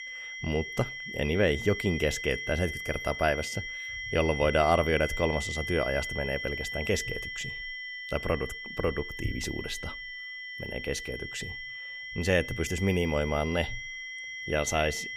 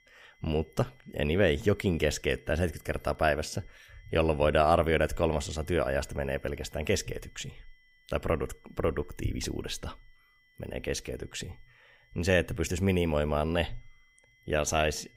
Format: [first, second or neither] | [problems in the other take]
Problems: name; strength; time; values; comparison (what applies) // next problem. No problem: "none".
second | high-pitched whine; loud; throughout; 2 kHz, 6 dB below the speech; faint in the second